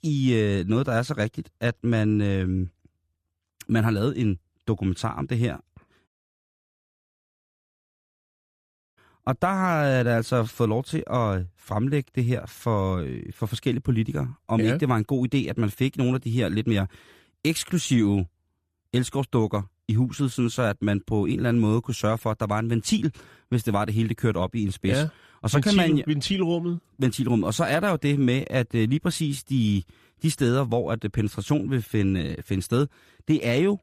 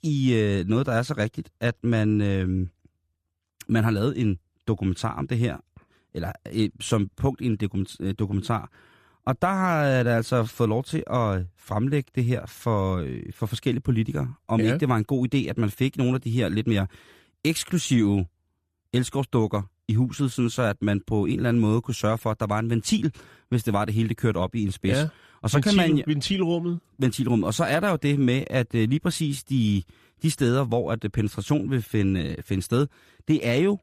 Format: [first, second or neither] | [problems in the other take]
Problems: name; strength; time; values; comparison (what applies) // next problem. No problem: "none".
second | audio cutting out; at 6 s for 3 s